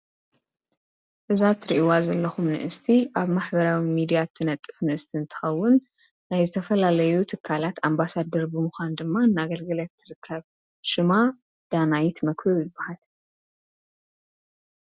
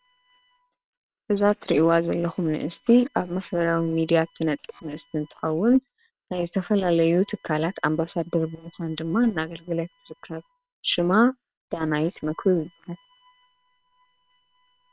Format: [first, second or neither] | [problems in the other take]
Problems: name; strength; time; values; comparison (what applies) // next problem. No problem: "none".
first | noise reduction (neural separator model SepFormer WHAM!)